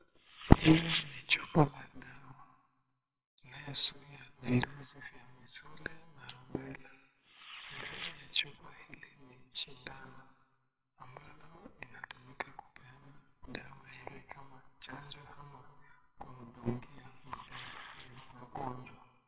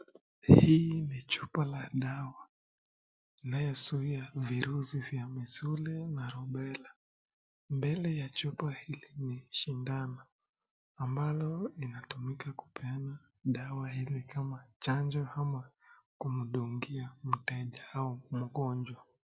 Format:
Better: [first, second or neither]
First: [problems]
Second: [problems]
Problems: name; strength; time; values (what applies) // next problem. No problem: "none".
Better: second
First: noise reduction (neural separator model SepFormer WHAMR!)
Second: none